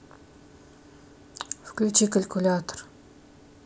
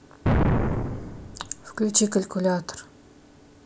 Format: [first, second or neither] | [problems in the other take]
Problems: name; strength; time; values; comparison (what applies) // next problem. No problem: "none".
first | background sound (Explosion); 3 dB above the speech